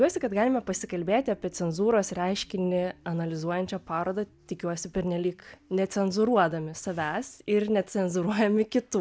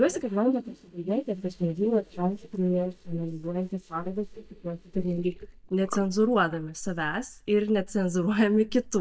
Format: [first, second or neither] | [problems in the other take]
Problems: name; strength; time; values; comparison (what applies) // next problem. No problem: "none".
first | noise reduction (neural mask model DeepFilterNet 3)